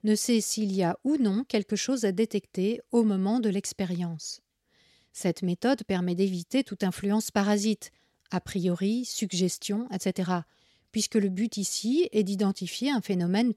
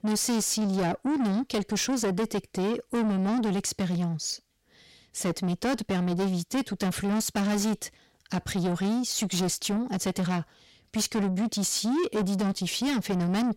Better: first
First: none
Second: distortion; heavy; 8 dB below the speech

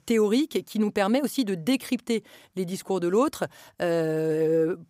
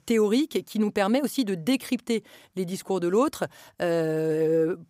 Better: neither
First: none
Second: none

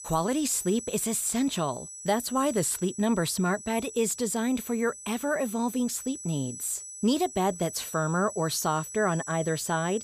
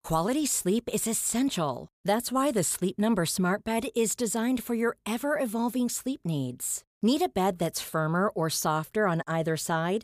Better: second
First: high-pitched whine; noticeable; throughout; 8 kHz, 10 dB below the speech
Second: none

